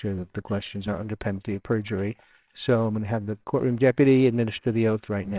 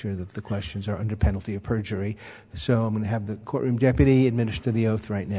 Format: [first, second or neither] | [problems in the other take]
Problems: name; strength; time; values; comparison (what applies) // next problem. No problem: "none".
second | noise reduction (neural separator model SepFormer WHAMR!)